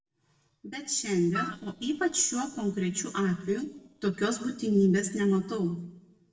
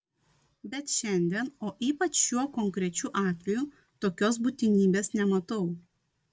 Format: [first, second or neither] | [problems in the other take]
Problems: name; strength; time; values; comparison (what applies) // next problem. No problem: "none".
second | noise reduction (neural separator model SepFormer DNS4)